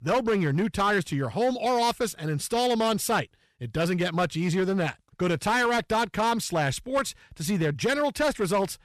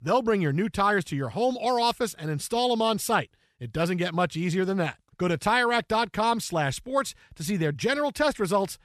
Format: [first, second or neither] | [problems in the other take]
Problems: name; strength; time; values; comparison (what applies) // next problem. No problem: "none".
second | distortion; slight; 9% of the sound clipped